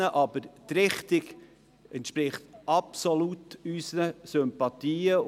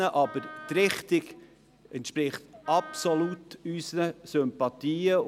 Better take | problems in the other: first | background sound (Wind instrument, woodwind instrument); 16 dB below the speech

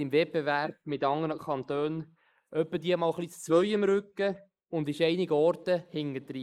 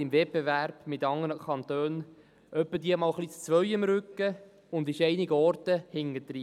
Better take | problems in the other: second | noise reduction (neural mask model Resemble Enhance denoiser)

